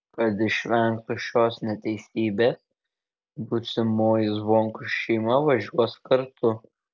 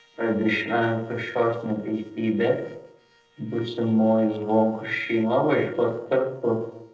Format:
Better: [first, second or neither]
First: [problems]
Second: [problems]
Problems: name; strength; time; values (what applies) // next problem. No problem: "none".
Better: first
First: none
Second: noise reduction (neural separator model SepFormer DNS4)